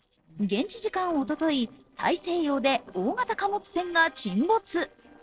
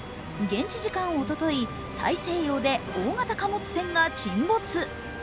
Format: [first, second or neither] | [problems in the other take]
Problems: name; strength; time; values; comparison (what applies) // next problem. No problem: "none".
second | noise reduction (neural separator model SepFormer DNS4)